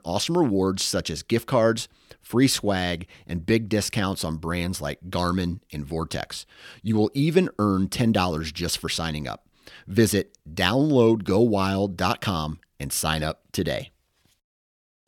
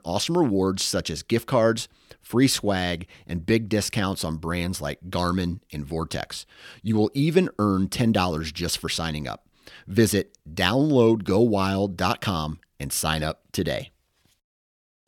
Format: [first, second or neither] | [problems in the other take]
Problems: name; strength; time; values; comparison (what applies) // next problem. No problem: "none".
neither | none